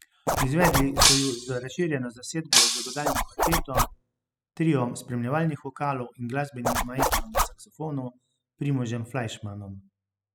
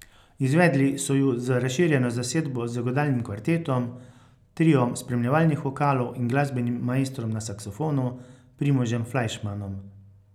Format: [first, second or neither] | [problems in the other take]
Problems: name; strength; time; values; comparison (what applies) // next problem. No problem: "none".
second | noise reduction (classical method spectral subtraction)